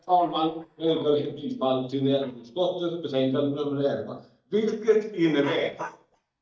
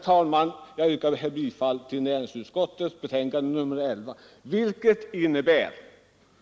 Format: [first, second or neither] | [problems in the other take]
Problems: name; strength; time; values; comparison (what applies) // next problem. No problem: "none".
second | noise reduction (neural mask model DeepFilterNet 3)